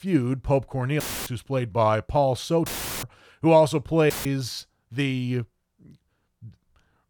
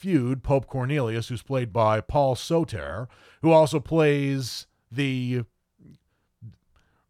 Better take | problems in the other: second | audio cutting out; filled with static; at 1 s, at 2.5 s and at 4 s

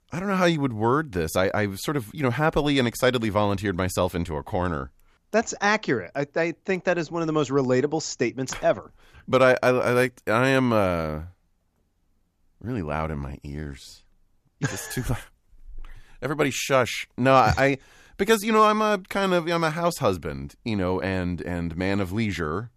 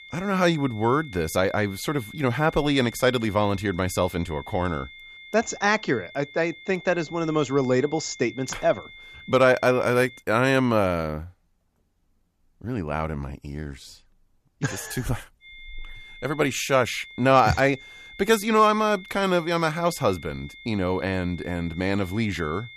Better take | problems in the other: first | high-pitched whine; noticeable; until 10 s and from 15 s on; 2 kHz, 20 dB below the speech

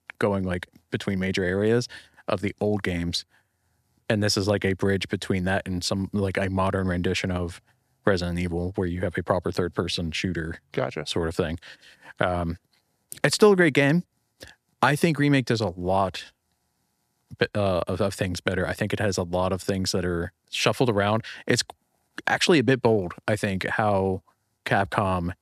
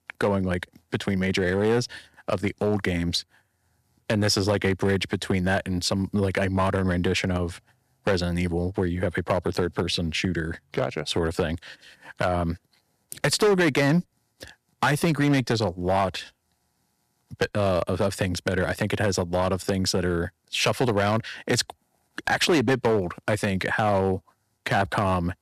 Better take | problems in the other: first | distortion; slight; 4% of the sound clipped

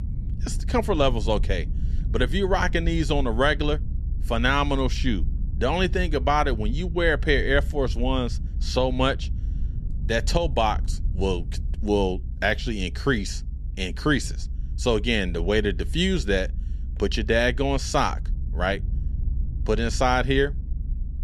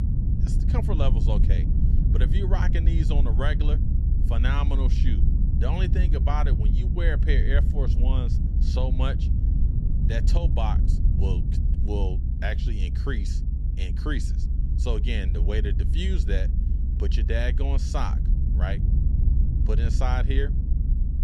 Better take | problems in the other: first | low rumble; loud; throughout; 6 dB below the speech; faint in the first

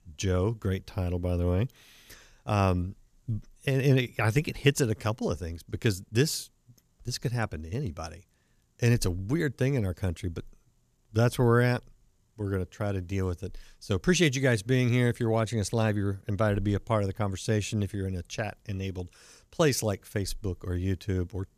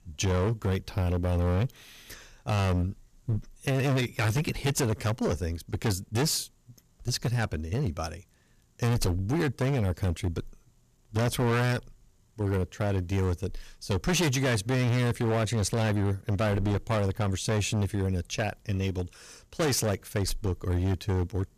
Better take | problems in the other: first | distortion; heavy; 17% of the sound clipped

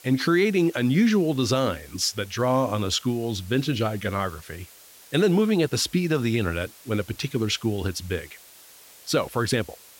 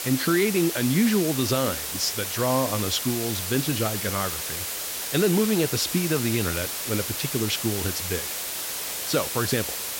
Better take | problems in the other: first | hiss; loud; throughout; 3 dB below the speech; faint in the first

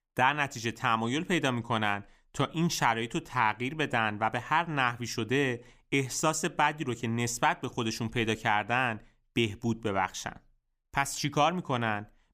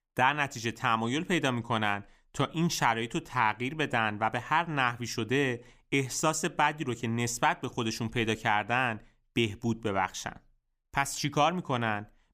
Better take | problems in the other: neither | none

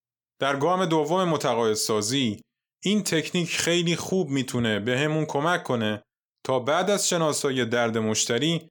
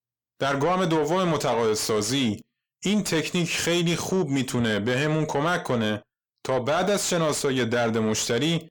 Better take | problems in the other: first | distortion; slight; 10 dB below the speech

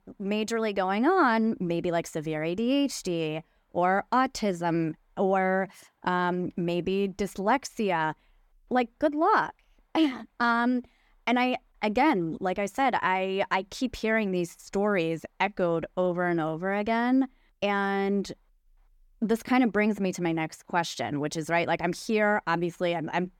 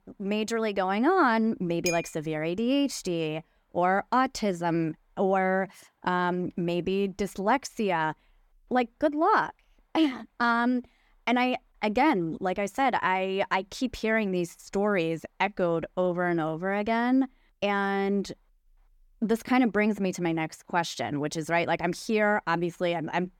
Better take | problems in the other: first | clattering dishes; noticeable; at 2 s; peak 5 dB below the speech

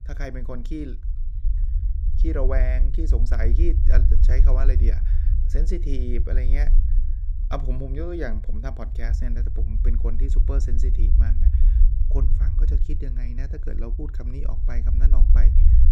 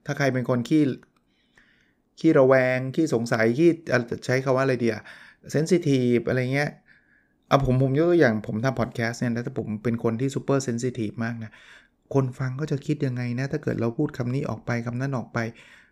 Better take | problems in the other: second | low rumble; loud; throughout; 7 dB below the speech

